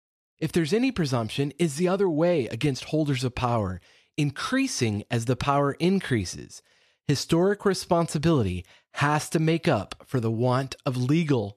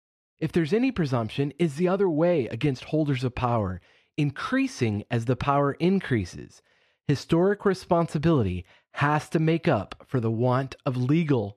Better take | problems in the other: first | muffled; slightly; fading above 4 kHz

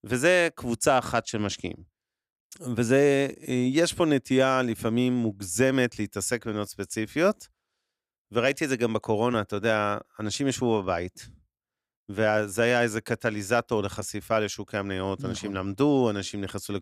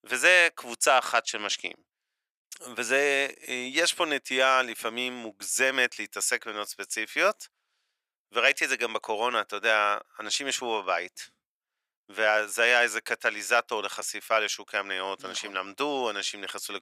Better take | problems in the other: first | thin; very; fading below 700 Hz

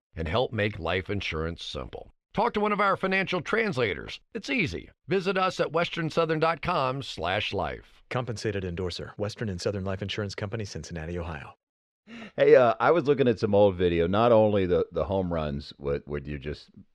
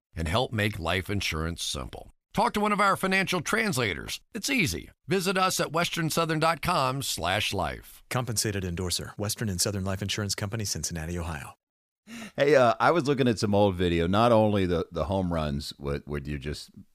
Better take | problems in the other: second | muffled; slightly; fading above 3 kHz

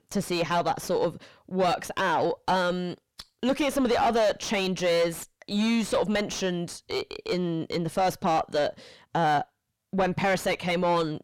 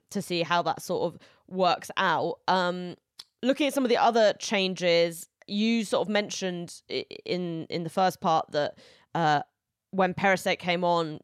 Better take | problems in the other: second | distortion; heavy; 6 dB below the speech

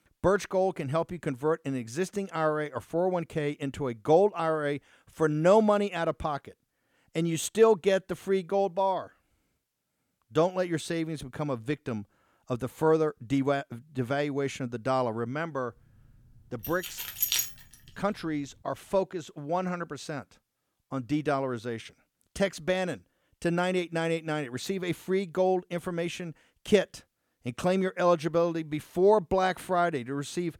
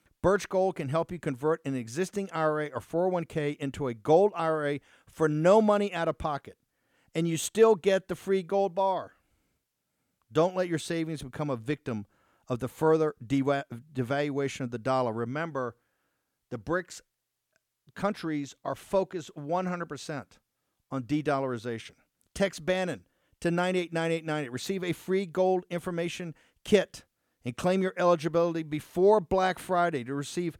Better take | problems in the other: second | jangling keys; loud; at 17 s; peak 3 dB above the speech

